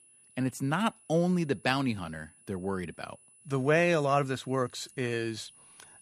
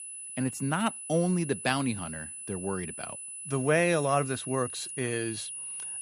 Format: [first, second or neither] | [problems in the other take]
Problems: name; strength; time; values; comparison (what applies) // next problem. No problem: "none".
first | high-pitched whine; loud; throughout; 10 kHz, 8 dB below the speech; faint in the first